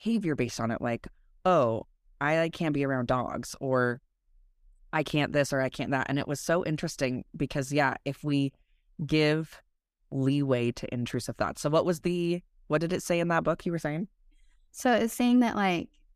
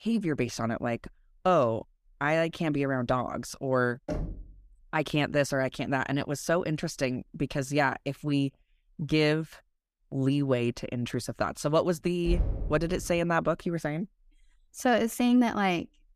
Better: first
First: none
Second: door banging; noticeable; at 4 s and at 12 s; peak 3 dB below the speech

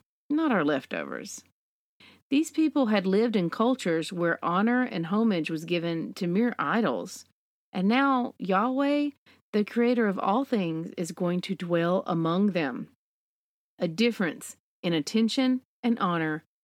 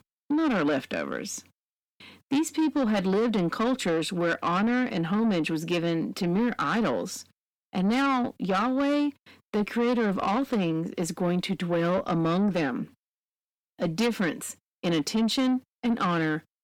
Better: first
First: none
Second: distortion; slight; 10 dB below the speech

